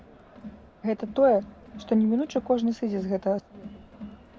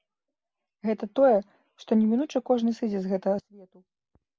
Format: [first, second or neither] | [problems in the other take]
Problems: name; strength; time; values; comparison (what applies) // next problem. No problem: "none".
second | background sound (Crowd); 18 dB below the speech